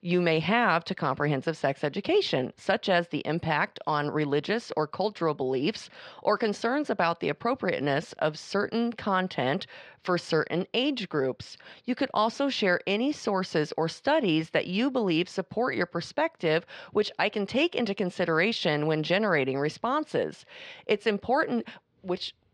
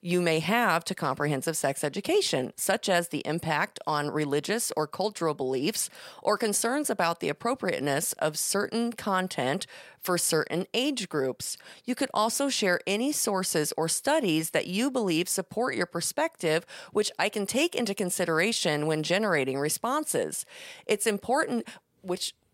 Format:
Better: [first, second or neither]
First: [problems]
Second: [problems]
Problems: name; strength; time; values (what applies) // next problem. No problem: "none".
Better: second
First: muffled; very slightly; fading above 4.5 kHz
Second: none